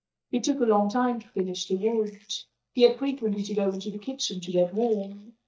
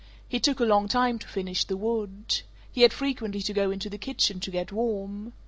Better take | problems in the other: second | noise reduction (neural mask model DeepFilterNet 3)

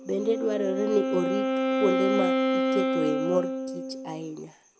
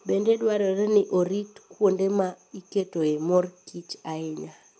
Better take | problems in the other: second | background sound (Wind instrument, woodwind instrument); 2 dB above the speech

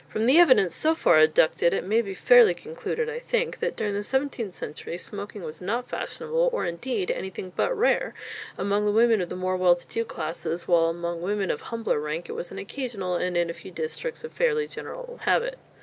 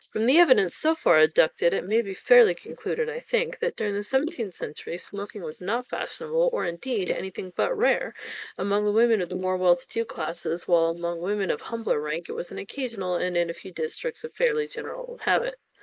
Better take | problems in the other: first | noise reduction (neural mask model Resemble Enhance denoiser)

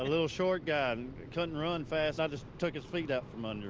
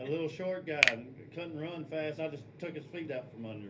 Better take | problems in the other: first | background sound (Finger snapping); 2 dB above the speech // room echo; dies away in 0.3 s

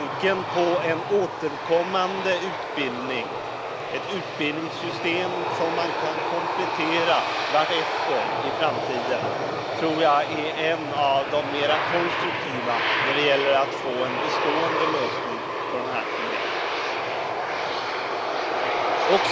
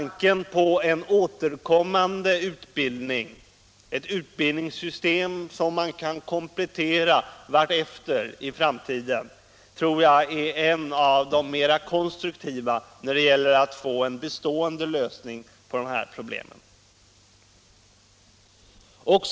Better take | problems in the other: second | background sound (Aircraft); as loud as the speech

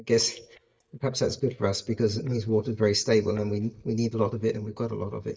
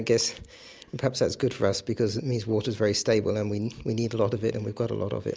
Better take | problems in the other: second | noise reduction (neural mask model DeepFilterNet 3)

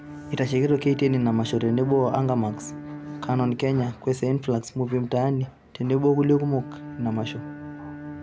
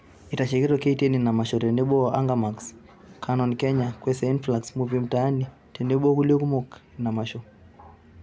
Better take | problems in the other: second | background sound (Bowed string instrument); 14 dB below the speech

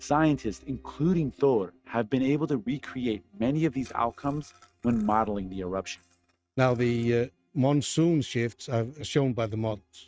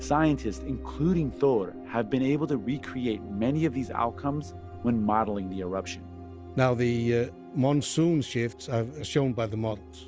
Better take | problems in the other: second | noise reduction (neural mask model RNNoise)

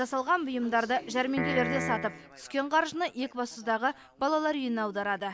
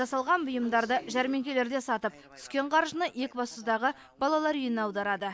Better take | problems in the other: second | background sound (Piano); 3 dB below the speech

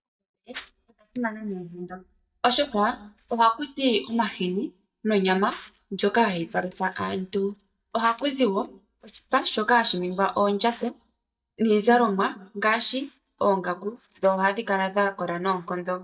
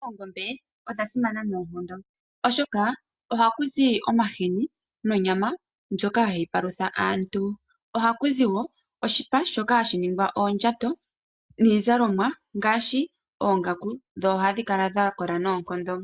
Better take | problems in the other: second | noise reduction (neural mask model DeepFilterNet 3)

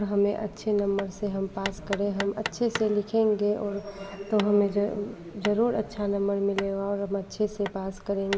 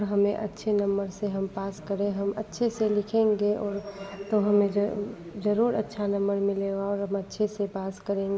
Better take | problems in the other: second | background sound (Hammer); 14 dB below the speech

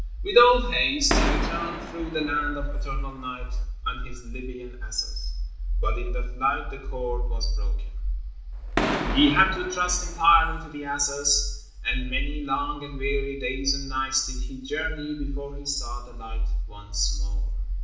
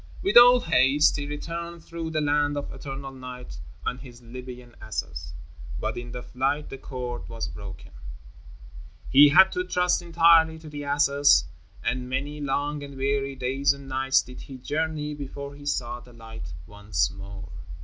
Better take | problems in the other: second | background sound (Fireworks); 7 dB below the speech // room echo; dies away in 0.6 s

